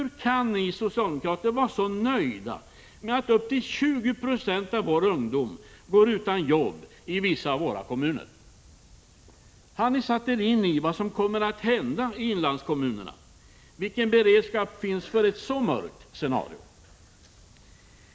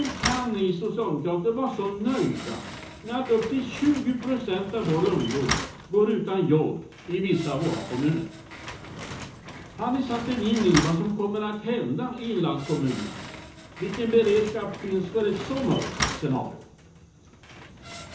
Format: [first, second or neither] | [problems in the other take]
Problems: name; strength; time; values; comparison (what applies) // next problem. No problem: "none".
first | background sound (Slam); 10 dB below the speech // room echo; dies away in 0.7 s